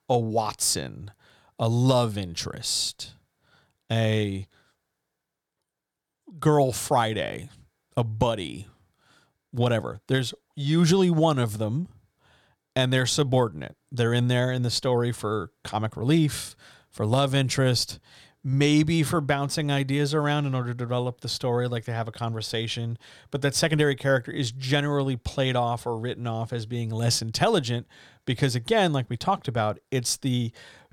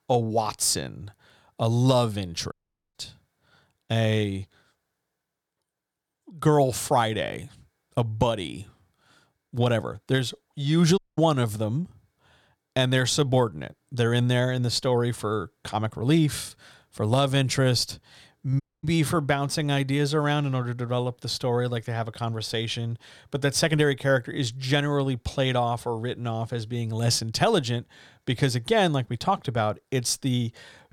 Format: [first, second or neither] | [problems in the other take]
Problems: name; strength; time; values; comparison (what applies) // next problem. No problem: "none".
first | audio cutting out; at 2.5 s, at 11 s and at 19 s